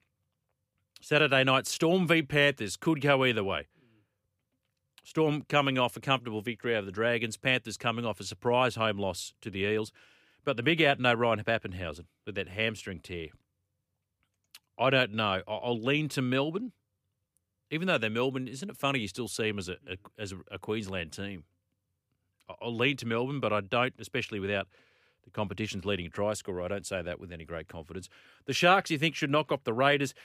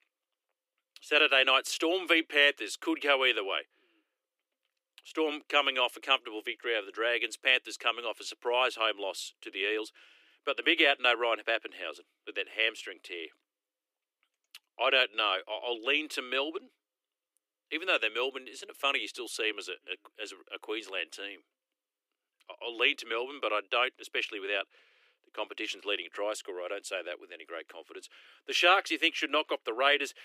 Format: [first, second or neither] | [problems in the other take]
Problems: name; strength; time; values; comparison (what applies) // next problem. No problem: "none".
first | thin; very; fading below 300 Hz